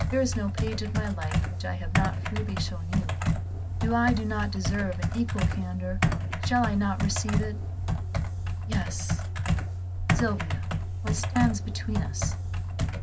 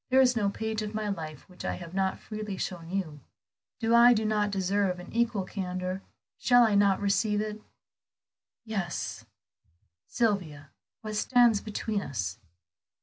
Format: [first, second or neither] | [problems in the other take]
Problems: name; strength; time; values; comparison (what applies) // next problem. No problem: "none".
second | background sound (Computer keyboard); 3 dB above the speech